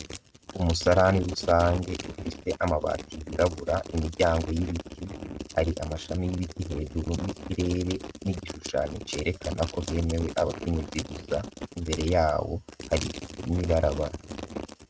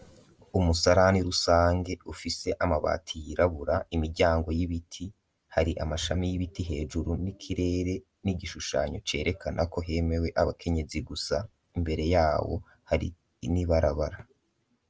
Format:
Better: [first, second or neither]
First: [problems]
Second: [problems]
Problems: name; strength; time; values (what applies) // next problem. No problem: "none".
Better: second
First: noise reduction (neural mask model RNNoise)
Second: none